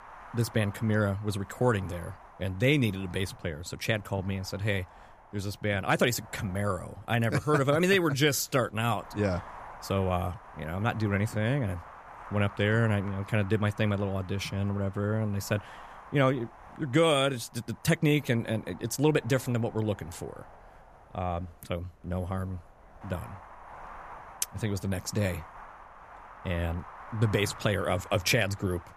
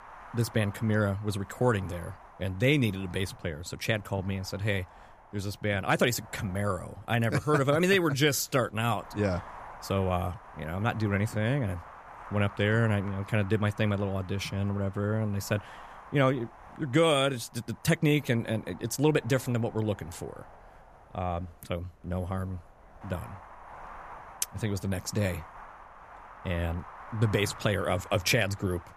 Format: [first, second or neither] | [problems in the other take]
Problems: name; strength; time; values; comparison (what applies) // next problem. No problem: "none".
neither | wind noise on the microphone; occasional gusts; 15 dB below the speech; the same in both